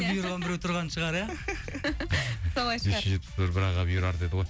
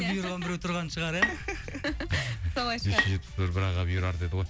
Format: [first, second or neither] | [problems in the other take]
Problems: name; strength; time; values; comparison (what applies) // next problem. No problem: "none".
first | background sound (Bowed string instrument); 6 dB below the speech